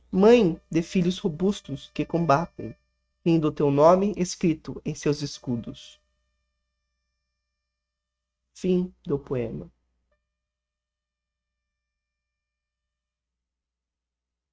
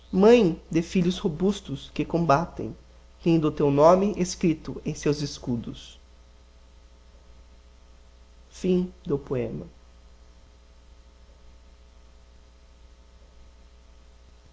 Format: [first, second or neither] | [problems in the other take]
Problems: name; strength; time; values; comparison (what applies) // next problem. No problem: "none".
second | noise reduction (neural mask model RNNoise)